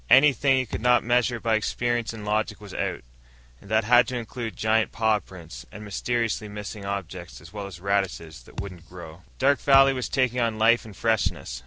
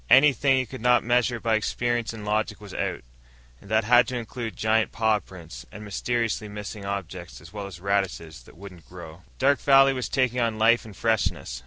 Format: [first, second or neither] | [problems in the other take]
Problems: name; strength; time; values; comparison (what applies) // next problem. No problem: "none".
second | background sound (Thump, thud); 10 dB below the speech